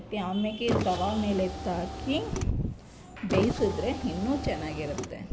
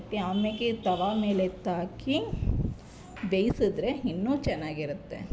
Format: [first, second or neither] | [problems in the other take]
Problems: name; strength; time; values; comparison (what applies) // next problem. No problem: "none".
second | background sound (Car); 4 dB below the speech